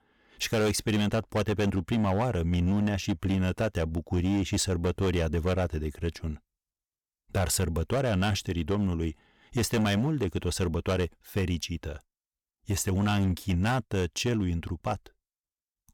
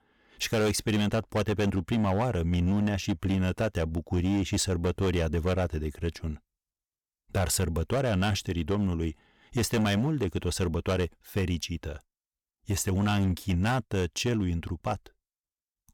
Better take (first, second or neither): neither